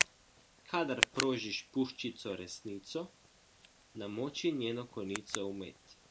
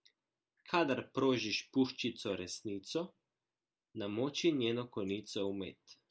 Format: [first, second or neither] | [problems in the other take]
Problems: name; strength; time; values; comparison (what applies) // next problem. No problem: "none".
second | background sound (Tick); 4 dB below the speech